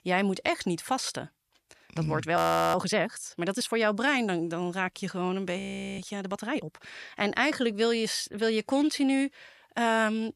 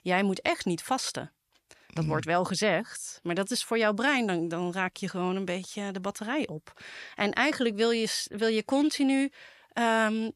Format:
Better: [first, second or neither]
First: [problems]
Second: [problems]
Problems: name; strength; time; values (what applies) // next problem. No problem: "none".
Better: second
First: audio freezing; at 2.5 s and at 5.5 s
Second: none